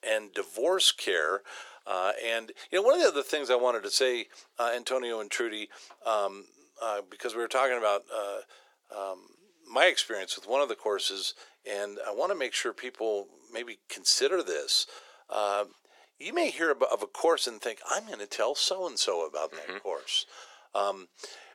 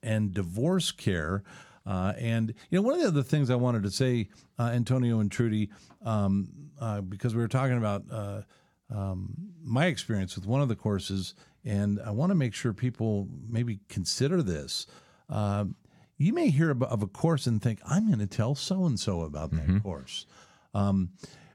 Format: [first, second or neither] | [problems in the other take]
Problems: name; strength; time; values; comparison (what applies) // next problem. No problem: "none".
second | thin; very; fading below 400 Hz